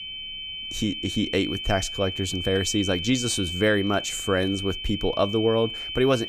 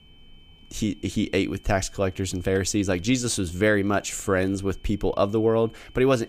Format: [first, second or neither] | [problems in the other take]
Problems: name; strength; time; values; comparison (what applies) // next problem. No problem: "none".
second | high-pitched whine; loud; throughout; 3 kHz, 5 dB below the speech; faint in the second